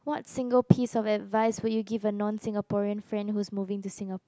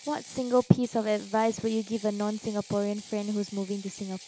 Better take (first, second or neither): first